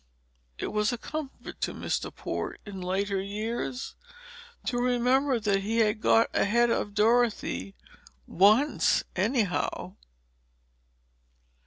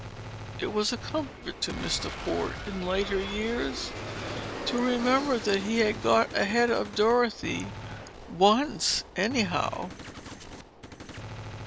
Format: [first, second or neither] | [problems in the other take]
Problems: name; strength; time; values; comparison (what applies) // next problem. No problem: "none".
first | background sound (Aircraft + Gunshot, gunfire); 10 dB below the speech